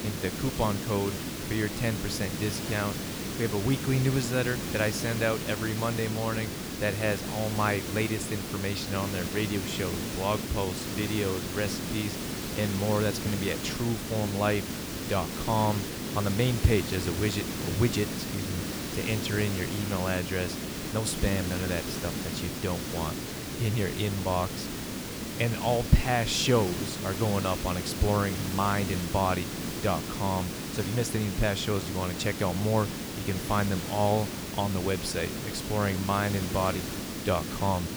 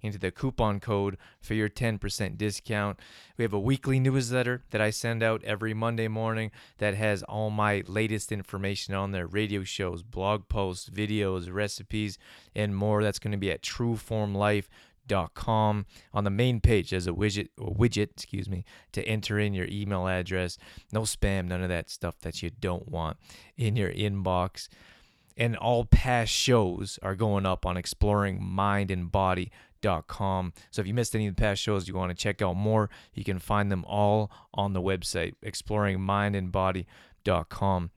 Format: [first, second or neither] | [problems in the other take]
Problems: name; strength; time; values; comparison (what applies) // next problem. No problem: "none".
second | hiss; loud; throughout; 4 dB below the speech